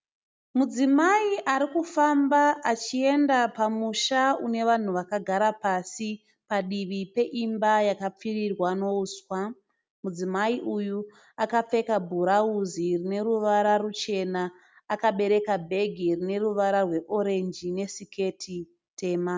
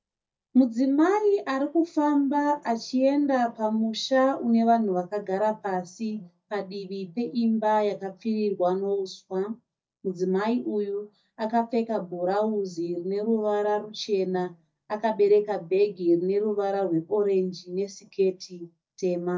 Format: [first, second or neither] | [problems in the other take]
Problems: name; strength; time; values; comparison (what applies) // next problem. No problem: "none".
first | noise reduction (neural mask model DeepFilterNet 3)